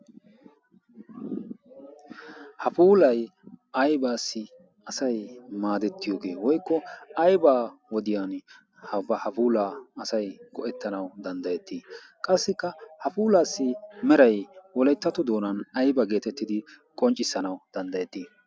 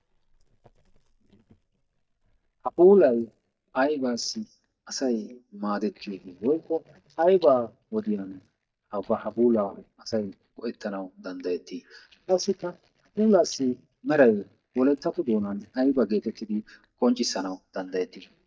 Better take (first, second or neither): first